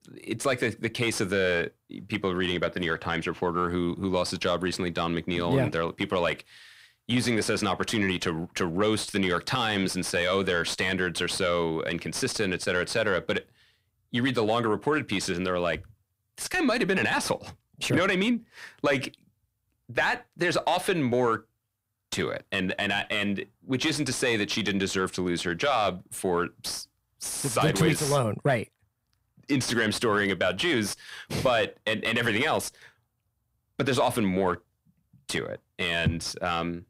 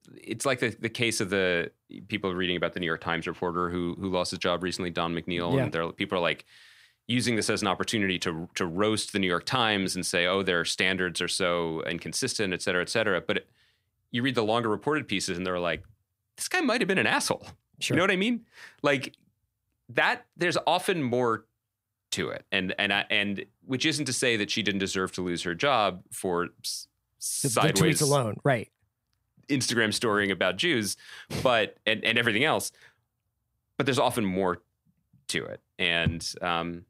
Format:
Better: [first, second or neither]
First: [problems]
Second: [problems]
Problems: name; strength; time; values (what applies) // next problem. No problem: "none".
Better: second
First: distortion; slight; 10 dB below the speech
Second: none